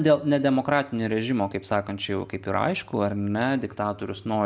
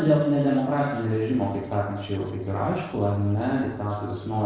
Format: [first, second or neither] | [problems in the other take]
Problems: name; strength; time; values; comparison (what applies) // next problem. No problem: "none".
first | noise reduction (neural separator model SepFormer DNS4)